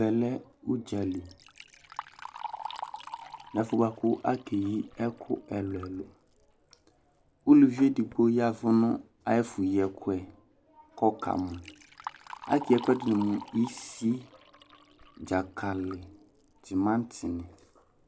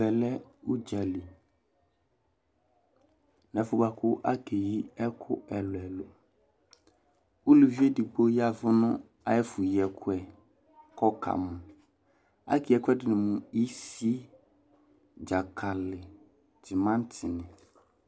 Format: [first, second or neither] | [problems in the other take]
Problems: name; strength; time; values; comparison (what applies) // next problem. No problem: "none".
second | background sound (Liquid); 18 dB below the speech